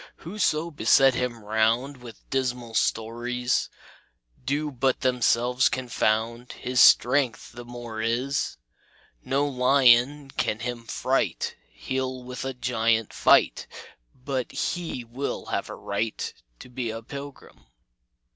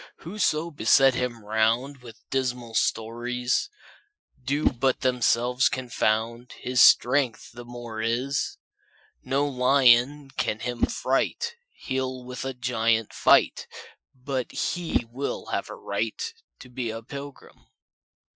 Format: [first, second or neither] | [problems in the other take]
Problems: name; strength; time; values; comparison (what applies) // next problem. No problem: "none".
first | noise reduction (classical method Wiener filter)